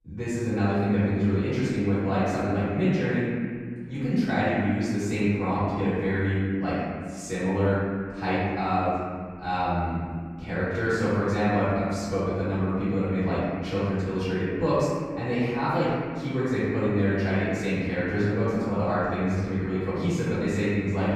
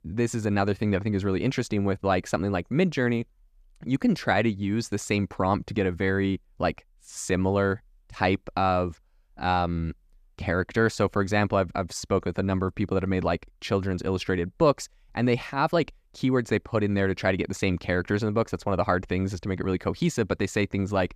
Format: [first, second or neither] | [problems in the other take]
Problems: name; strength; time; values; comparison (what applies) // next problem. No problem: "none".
second | off-mic speech; far // room echo; strong; dies away in 1.9 s